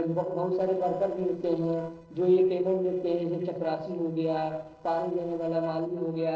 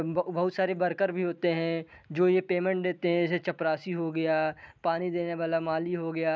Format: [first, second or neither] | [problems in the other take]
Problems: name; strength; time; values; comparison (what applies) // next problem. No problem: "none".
second | noise reduction (neural separator model SepFormer DNS4)